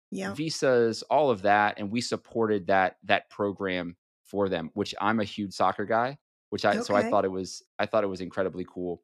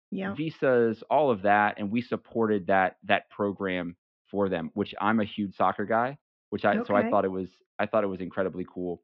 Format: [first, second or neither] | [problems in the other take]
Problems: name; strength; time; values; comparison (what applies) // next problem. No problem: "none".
first | muffled; very; fading above 3 kHz